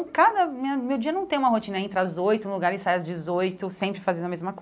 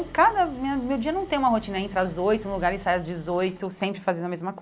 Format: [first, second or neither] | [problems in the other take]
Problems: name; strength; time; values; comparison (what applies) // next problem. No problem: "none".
first | background sound (Idling); 19 dB below the speech